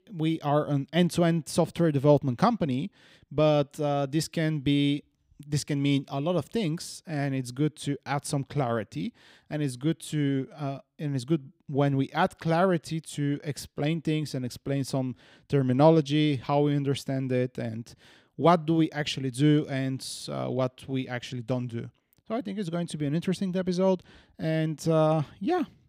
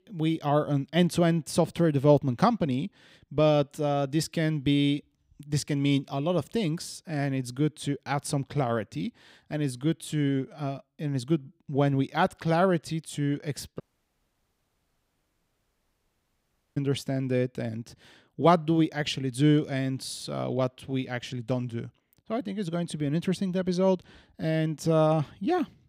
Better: first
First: none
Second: audio cutting out; at 14 s for 3 s

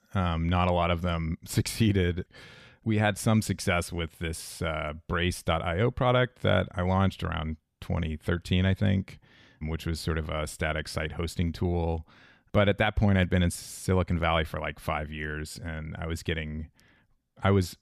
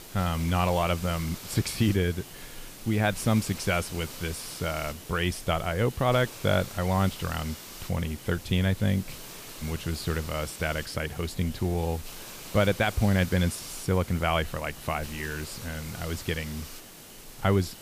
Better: first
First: none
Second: hiss; noticeable; throughout; 15 dB below the speech

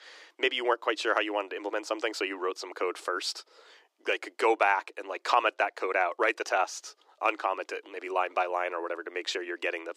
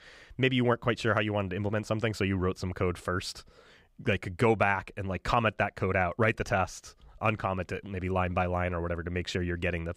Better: second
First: thin; very; fading below 300 Hz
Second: none

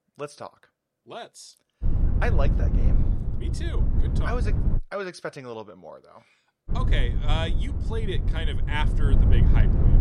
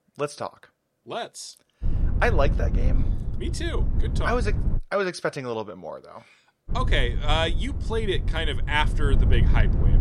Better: second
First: wind noise on the microphone; heavy; from 2 to 5 s and from 6.5 s on; 5 dB below the speech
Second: wind noise on the microphone; occasional gusts; from 2 to 5 s and from 6.5 s on; 15 dB below the speech

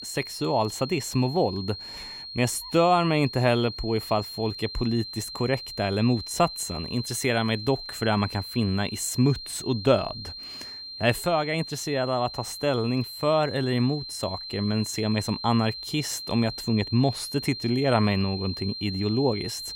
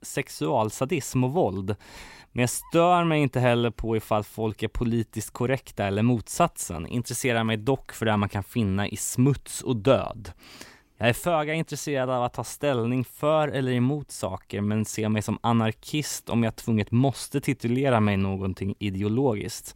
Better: second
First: high-pitched whine; loud; throughout; 4 kHz, 9 dB below the speech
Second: none

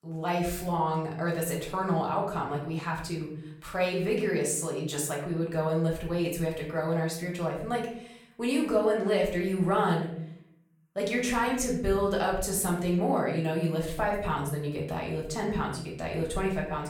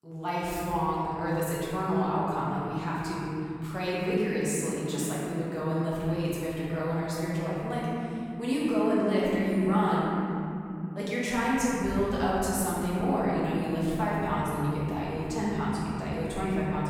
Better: first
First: room echo; slight; dies away in 0.6 s // off-mic speech; far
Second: room echo; strong; dies away in 3 s // off-mic speech; far

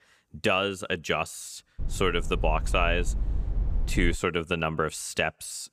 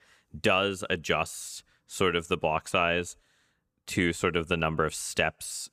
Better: second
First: low rumble; faint; from 2 to 4 s; 20 dB below the speech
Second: none

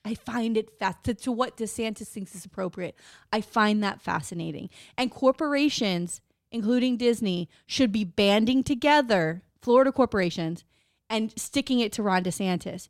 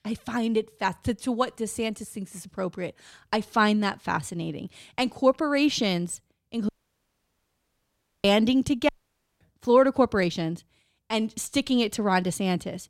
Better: first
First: none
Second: audio cutting out; at 6.5 s for 1.5 s and at 9 s for 0.5 s

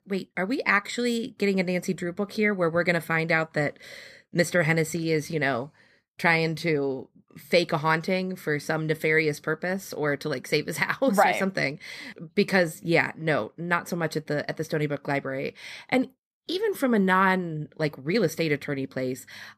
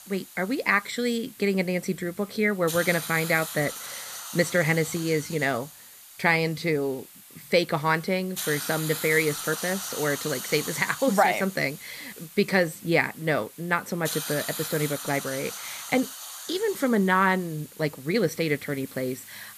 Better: first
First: none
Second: hiss; loud; throughout; 10 dB below the speech

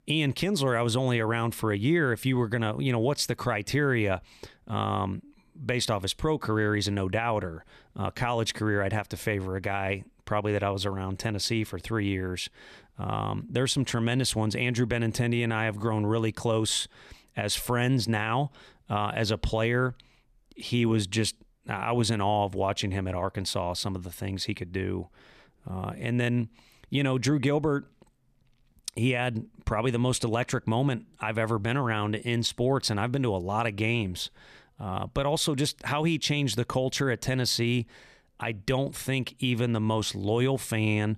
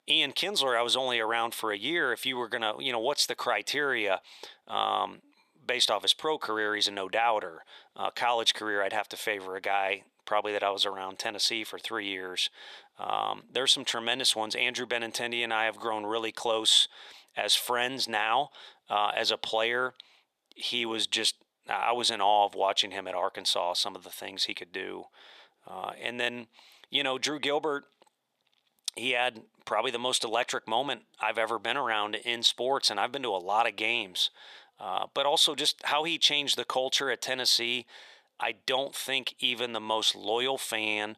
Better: first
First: none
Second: thin; very; fading below 600 Hz

